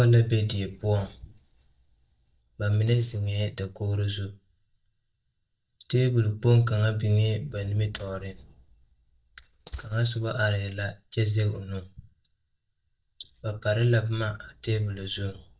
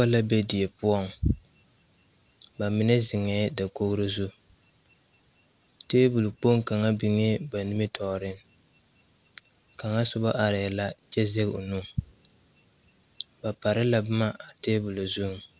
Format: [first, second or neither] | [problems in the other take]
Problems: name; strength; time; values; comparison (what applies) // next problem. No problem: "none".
second | noise reduction (neural mask model DeepFilterNet 3)